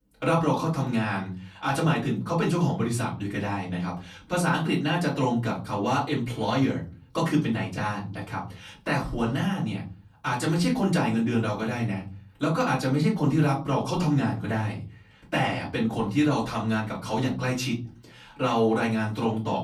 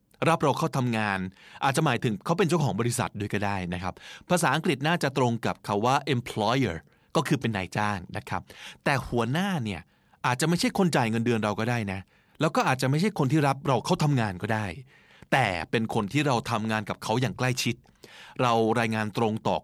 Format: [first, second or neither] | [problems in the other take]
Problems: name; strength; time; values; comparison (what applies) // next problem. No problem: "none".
second | off-mic speech; far // room echo; slight; dies away in 0.5 s